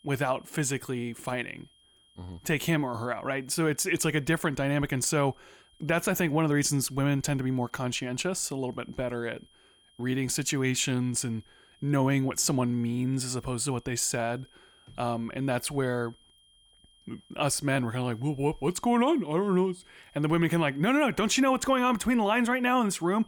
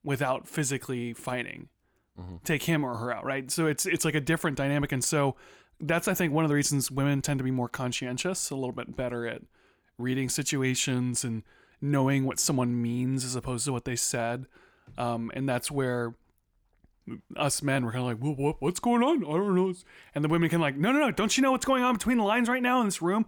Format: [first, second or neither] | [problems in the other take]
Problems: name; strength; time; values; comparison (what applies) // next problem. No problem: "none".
second | high-pitched whine; faint; throughout; 3 kHz, 30 dB below the speech